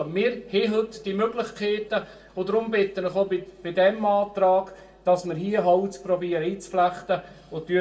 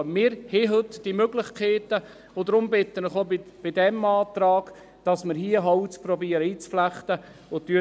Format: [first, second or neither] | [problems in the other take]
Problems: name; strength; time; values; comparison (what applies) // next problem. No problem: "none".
second | room echo; dies away in 0.3 s